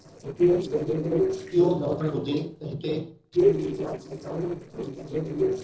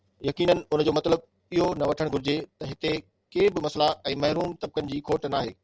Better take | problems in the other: second | noise reduction (neural separator model SepFormer DNS4)

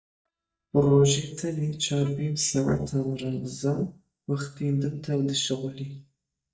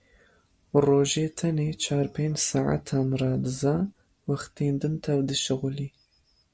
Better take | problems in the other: second | noise reduction (neural mask model DeepFilterNet 3)

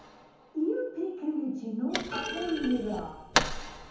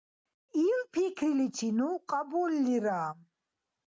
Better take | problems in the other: second | background sound (Thump, thud); 2 dB below the speech // room echo; dies away in 2 s

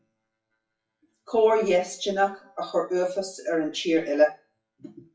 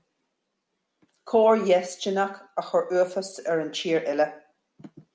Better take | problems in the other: second | noise reduction (classical method WPE with log-MMSE)

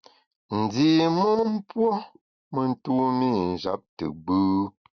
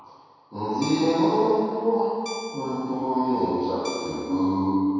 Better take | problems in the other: first | background sound (Guitar); 17 dB below the speech // room echo; dies away in 2.2 s

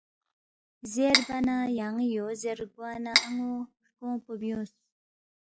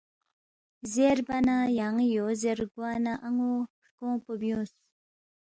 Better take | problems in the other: second | noise reduction (classical method log-MMSE)

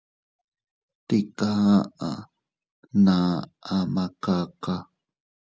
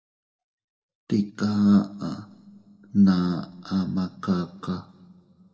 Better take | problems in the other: first | room echo; dies away in 1.1 s

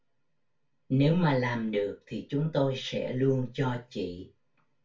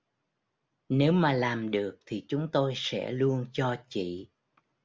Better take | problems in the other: second | room echo; dies away in 0.2 s

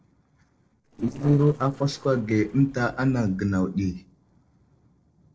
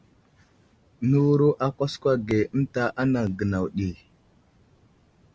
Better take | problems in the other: second | noise reduction (neural separator model SepFormer DNS4)

